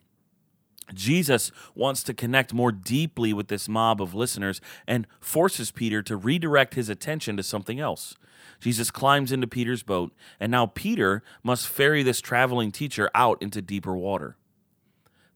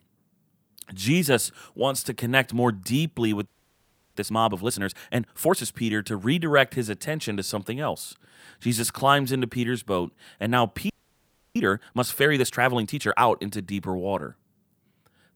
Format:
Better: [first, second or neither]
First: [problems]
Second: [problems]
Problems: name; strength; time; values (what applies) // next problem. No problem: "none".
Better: first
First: none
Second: audio freezing; at 3.5 s for 0.5 s and at 11 s for 0.5 s